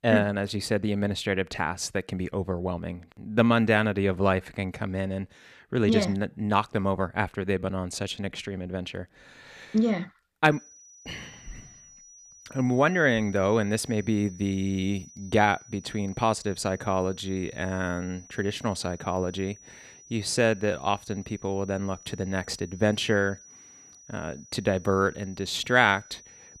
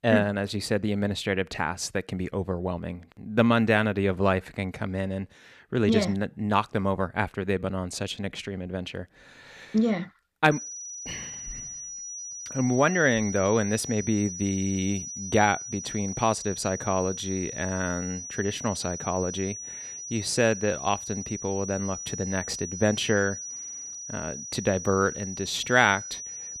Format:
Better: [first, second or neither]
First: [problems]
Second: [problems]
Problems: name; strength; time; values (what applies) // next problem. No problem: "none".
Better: first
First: high-pitched whine; faint; from 11 s on; 6 kHz, 20 dB below the speech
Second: high-pitched whine; loud; from 11 s on; 6 kHz, 8 dB below the speech